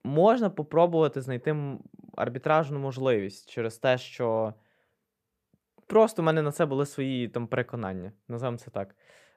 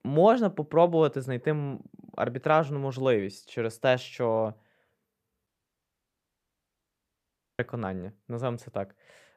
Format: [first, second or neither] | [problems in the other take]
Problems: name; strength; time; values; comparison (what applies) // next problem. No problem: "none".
first | audio cutting out; at 5.5 s for 2 s